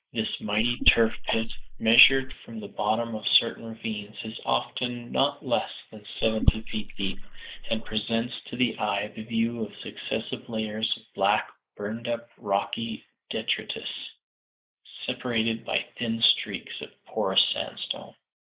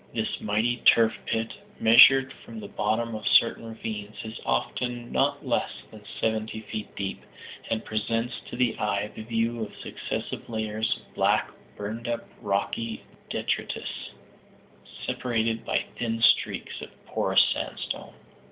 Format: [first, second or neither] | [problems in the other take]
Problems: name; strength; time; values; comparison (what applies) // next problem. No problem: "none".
second | noise reduction (neural mask model Resemble Enhance denoiser)